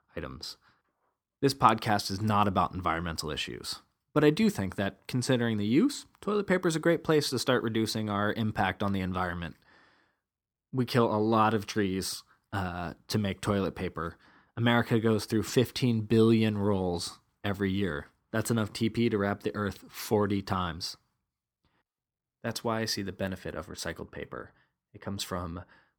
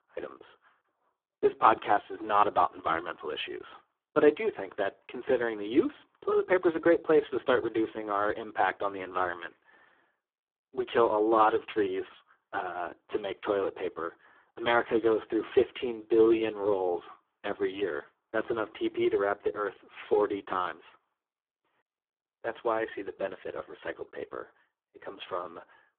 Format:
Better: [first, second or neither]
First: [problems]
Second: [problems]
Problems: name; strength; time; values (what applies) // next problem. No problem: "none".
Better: first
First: none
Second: phone-call audio; poor line